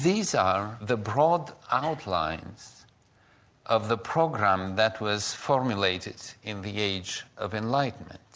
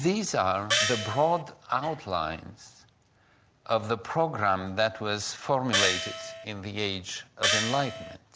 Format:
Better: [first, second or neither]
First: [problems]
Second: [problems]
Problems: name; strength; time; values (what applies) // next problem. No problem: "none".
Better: first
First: none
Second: background sound (Gong); 1 dB above the speech